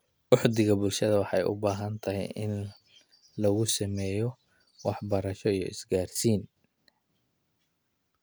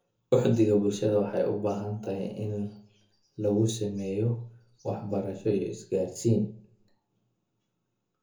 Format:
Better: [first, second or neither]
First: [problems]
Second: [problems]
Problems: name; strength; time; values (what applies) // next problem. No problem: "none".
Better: first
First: none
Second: room echo; dies away in 0.7 s